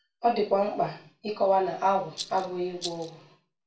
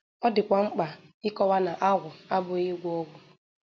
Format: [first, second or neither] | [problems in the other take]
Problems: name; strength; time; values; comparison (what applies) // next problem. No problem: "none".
second | background sound (Rattle); 12 dB below the speech // room echo; dies away in 0.3 s